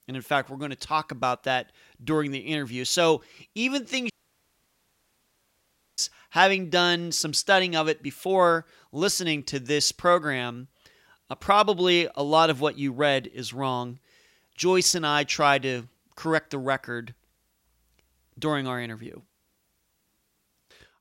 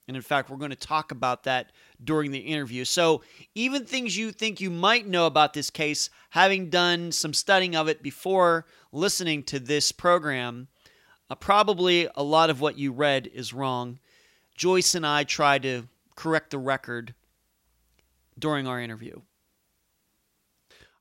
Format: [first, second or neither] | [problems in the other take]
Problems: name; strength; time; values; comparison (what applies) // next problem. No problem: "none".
second | audio cutting out; at 4 s for 2 s